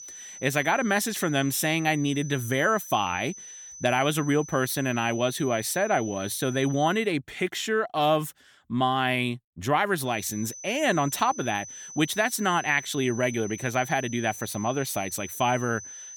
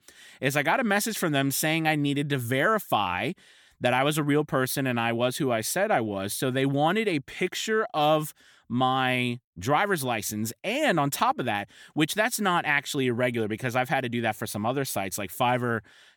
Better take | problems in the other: second | high-pitched whine; noticeable; until 7 s and from 10 s on; 6 kHz, 15 dB below the speech

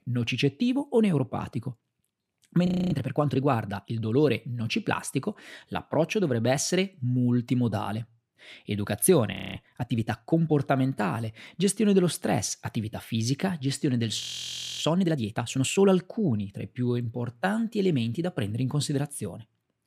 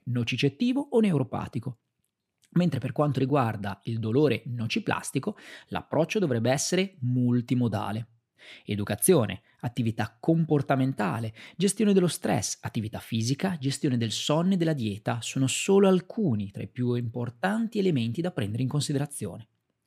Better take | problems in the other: second | audio freezing; at 2.5 s, at 9.5 s and at 14 s for 0.5 s

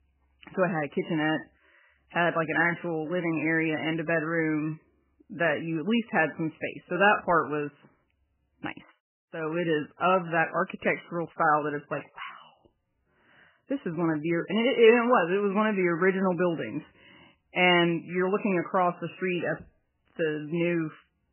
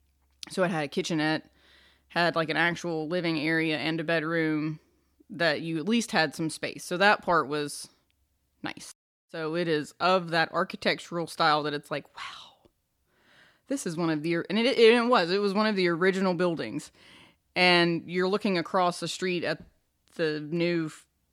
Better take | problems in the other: second | garbled, watery; badly; nothing above 3 kHz

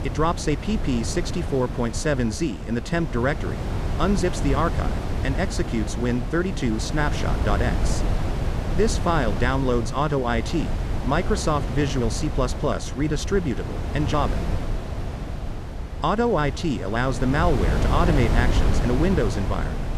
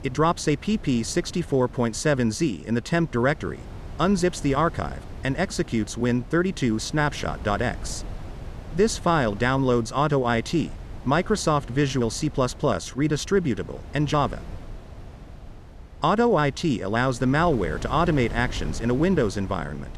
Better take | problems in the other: second | wind noise on the microphone; heavy; 8 dB below the speech; occasional gusts in the second

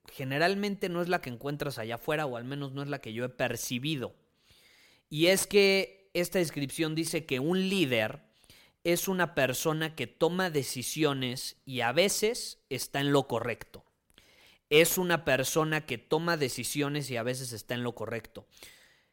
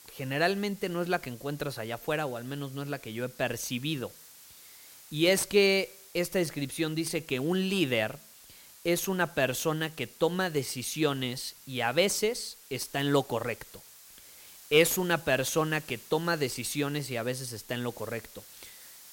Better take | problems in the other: first | hiss; noticeable; throughout; 20 dB below the speech

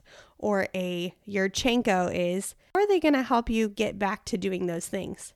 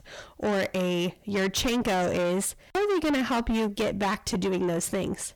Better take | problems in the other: first | distortion; heavy; 6 dB below the speech

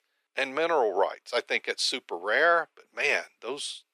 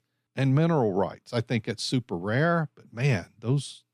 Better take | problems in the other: second | thin; very; fading below 450 Hz

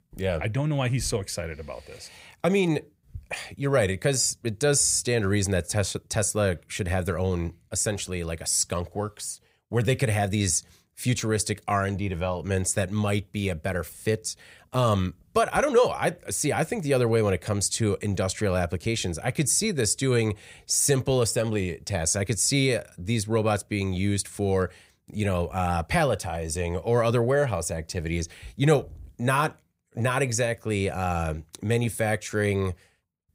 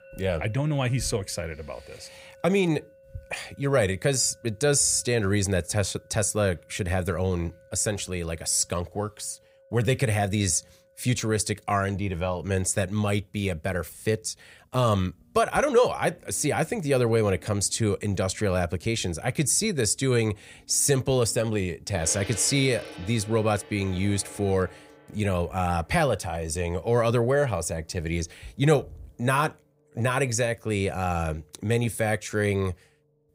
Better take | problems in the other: first | background music; faint; throughout; 25 dB below the speech

